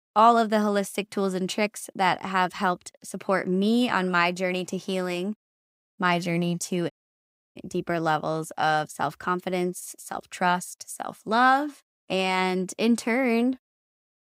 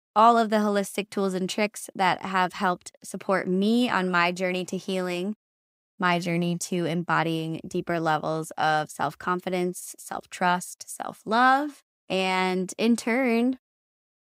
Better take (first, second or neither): second